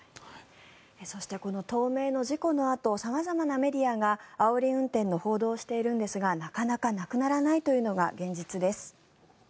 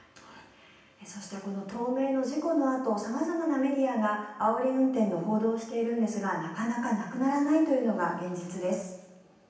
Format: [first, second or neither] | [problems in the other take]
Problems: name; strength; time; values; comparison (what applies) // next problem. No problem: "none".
first | room echo; dies away in 0.9 s